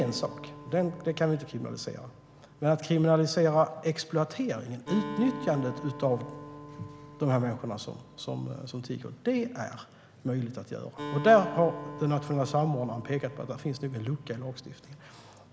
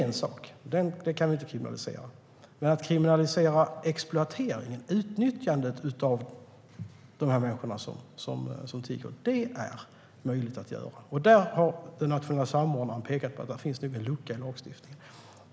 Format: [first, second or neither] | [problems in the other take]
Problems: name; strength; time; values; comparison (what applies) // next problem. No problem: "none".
second | background sound (Acoustic guitar); 15 dB below the speech